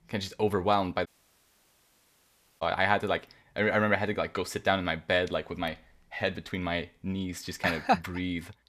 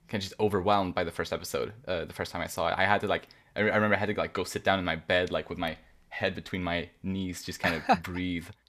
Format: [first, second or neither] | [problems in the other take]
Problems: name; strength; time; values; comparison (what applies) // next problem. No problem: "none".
second | audio cutting out; at 1 s for 1.5 s